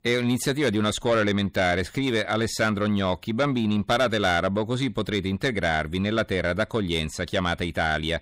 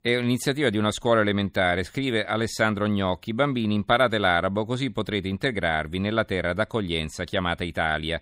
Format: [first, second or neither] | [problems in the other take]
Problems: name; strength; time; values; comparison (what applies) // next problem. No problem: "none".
second | distortion; slight; 10 dB below the speech